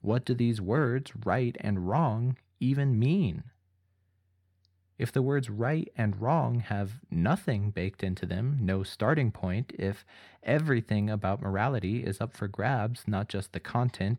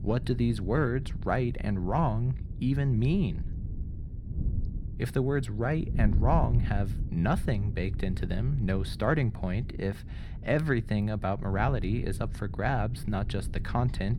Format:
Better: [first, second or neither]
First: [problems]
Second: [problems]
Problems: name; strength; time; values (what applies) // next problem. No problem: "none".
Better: first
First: none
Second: wind noise on the microphone; occasional gusts; 15 dB below the speech